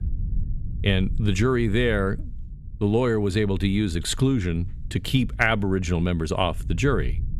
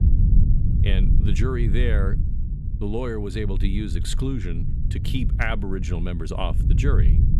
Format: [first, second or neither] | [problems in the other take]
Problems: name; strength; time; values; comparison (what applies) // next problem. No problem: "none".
first | low rumble; loud; throughout; 8 dB below the speech; faint in the first